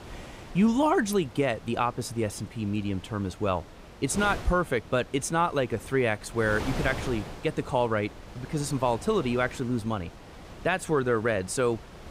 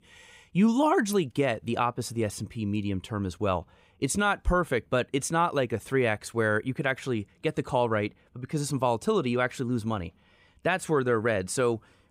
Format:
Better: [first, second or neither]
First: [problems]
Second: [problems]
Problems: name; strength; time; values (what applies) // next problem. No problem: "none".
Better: second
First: wind noise on the microphone; occasional gusts; 15 dB below the speech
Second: none